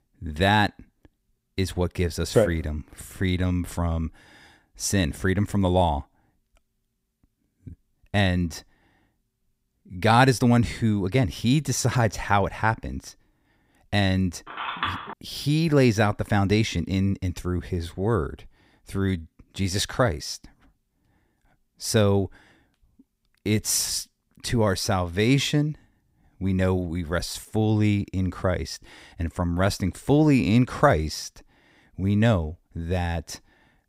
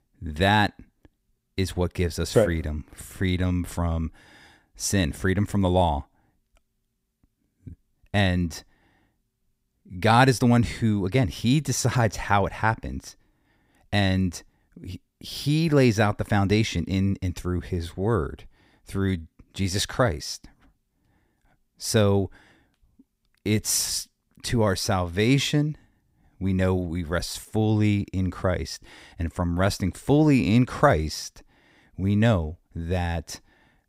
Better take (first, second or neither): second